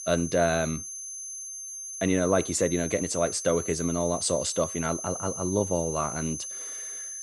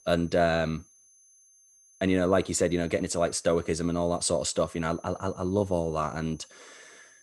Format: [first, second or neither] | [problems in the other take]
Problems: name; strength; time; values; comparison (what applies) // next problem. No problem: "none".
second | high-pitched whine; loud; throughout; 6.5 kHz, 7 dB below the speech; faint in the second